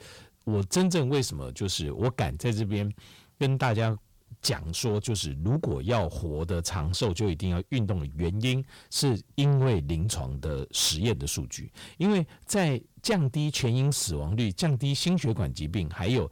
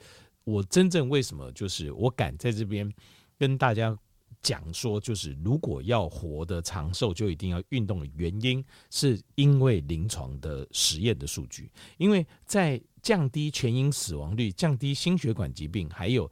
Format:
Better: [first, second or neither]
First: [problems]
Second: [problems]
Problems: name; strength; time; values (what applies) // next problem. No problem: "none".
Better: second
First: distortion; slight; 10 dB below the speech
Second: none